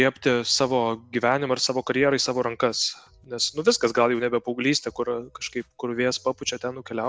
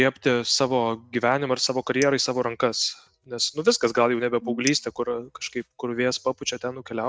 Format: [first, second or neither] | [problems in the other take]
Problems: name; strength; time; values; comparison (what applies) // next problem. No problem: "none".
first | noise reduction (neural mask model RNNoise)